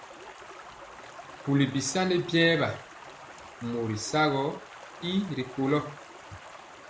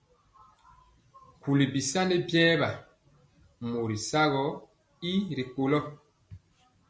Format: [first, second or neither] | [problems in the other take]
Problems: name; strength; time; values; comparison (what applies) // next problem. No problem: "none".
second | background sound (Stream); 16 dB below the speech